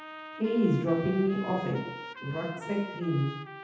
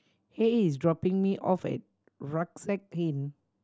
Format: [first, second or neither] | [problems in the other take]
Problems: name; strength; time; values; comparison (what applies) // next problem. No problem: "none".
second | background sound (Trumpet); 13 dB below the speech // room echo; dies away in 0.8 s